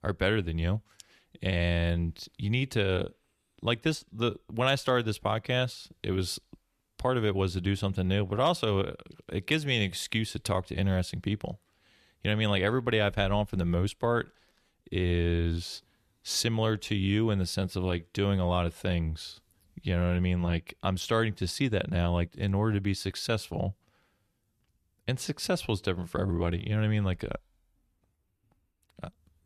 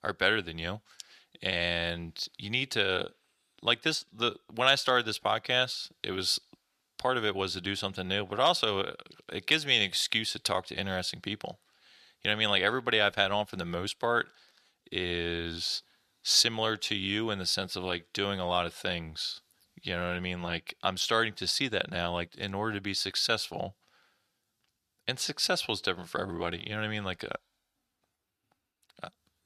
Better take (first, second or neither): first